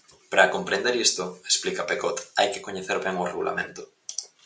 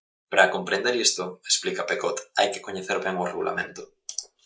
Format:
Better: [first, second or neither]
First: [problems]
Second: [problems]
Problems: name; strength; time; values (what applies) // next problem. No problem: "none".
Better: first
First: none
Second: noise reduction (neural mask model Resemble Enhance denoiser)